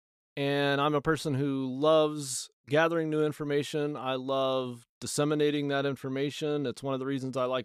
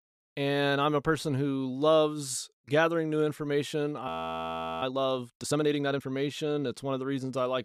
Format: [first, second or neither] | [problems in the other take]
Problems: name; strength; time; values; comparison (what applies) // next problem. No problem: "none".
first | audio freezing; at 4 s for 0.5 s